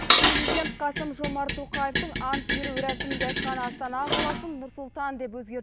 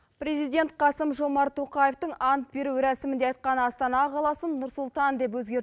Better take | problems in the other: second | background sound (Dishes, pots, and pans); 4 dB above the speech

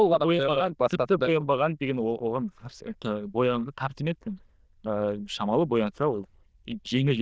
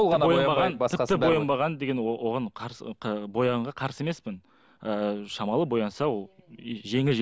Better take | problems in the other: second | noise reduction (neural diffusion model UNIVERSE++)

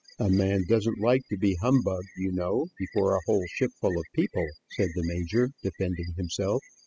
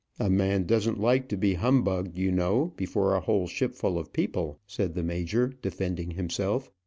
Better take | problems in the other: second | noise reduction (classical method spectral subtraction)

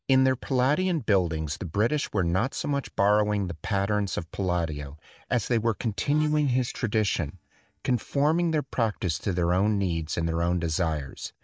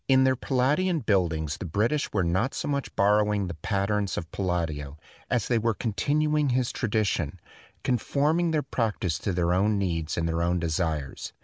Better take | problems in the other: second | noise reduction (neural mask model DeepFilterNet 3)

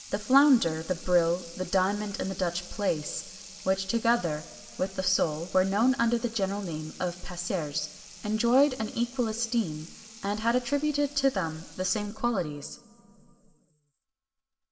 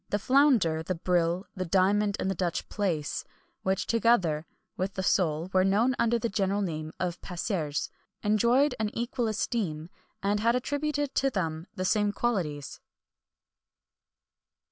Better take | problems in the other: second | background sound (Sink (filling or washing) / Water tap, faucet); 18 dB below the speech // room echo; dies away in 2.8 s

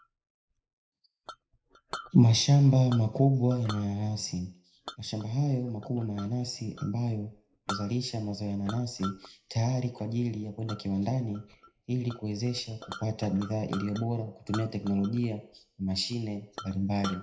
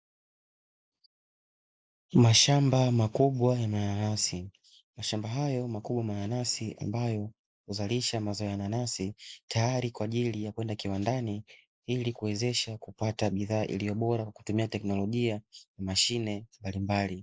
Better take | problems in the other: second | background sound (Chink, clink); 18 dB below the speech // room echo; dies away in 0.4 s

